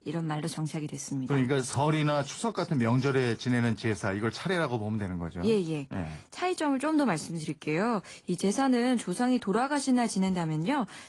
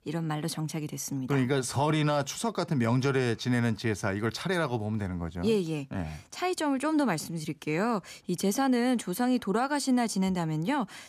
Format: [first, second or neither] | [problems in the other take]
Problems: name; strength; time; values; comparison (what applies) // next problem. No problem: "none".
second | garbled, watery; slightly; nothing above 10.5 kHz